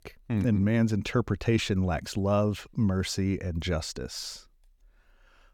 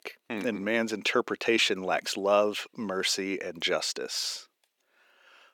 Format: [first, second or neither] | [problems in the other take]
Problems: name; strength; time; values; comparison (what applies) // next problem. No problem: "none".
first | thin; somewhat; fading below 350 Hz